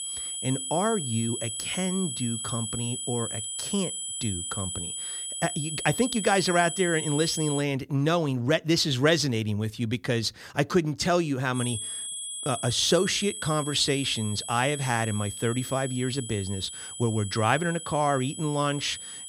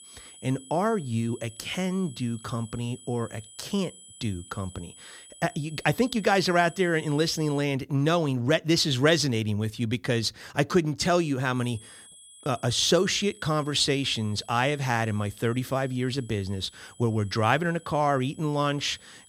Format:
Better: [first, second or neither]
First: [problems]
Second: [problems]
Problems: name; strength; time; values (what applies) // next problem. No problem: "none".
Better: second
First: high-pitched whine; loud; until 7.5 s and from 12 s on; 8 kHz, 6 dB below the speech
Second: high-pitched whine; faint; until 7.5 s and from 12 s on; 8 kHz, 20 dB below the speech